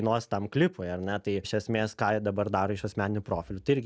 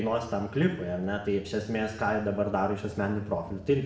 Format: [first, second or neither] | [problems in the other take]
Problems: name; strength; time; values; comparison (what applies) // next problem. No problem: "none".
first | background sound (Idling / Engine starting / Accelerating, revving, vroom / Car); 19 dB below the speech // room echo; dies away in 0.8 s